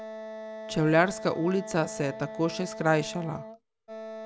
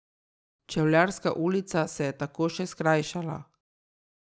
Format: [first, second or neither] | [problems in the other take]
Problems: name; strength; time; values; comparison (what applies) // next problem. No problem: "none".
second | background sound (Wind instrument, woodwind instrument); 11 dB below the speech